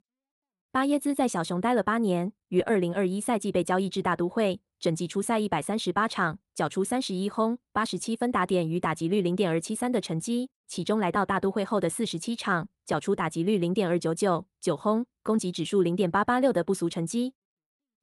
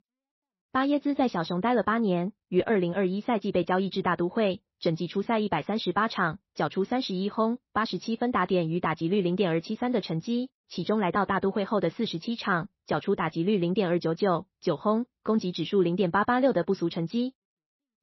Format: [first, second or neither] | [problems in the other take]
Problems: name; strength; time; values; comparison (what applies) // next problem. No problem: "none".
first | garbled, watery; slightly; nothing above 5.5 kHz